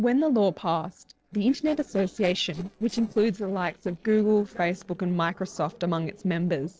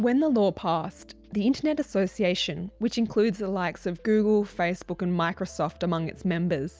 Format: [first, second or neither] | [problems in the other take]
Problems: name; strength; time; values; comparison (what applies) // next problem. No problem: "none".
second | noise reduction (neural separator model SepFormer DNS4)